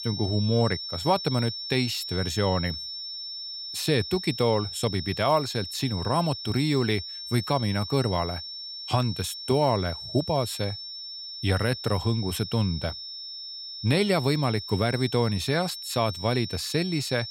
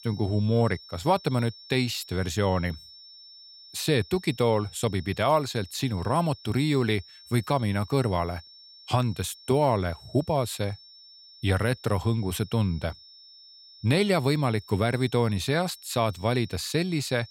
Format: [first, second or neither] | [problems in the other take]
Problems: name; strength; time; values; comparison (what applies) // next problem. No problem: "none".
second | high-pitched whine; loud; throughout; 5.5 kHz, 8 dB below the speech; faint in the second